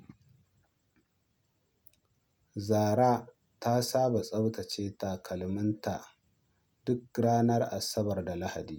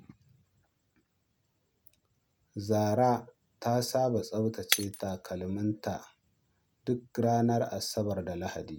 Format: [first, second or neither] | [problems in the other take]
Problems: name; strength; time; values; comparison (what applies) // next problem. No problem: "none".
first | background sound (Shatter); 8 dB below the speech